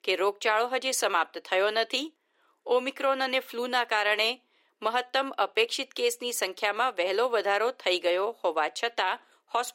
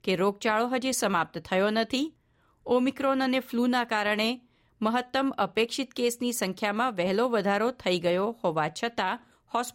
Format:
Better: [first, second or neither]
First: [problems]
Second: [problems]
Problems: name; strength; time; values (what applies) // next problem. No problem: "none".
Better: second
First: thin; somewhat; fading below 350 Hz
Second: none